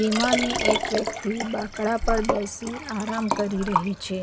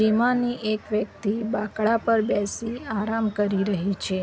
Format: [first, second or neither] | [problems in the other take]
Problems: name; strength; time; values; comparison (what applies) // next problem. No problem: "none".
second | background sound (Liquid); 1 dB below the speech